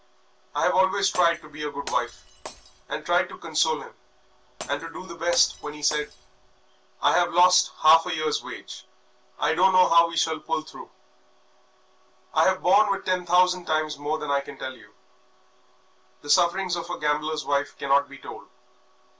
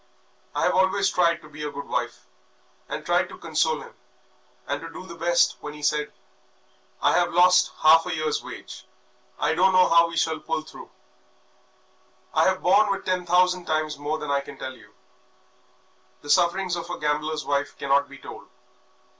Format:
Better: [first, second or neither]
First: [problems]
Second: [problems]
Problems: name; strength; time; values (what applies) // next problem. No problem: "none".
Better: second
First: background sound (Glass); 17 dB below the speech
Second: none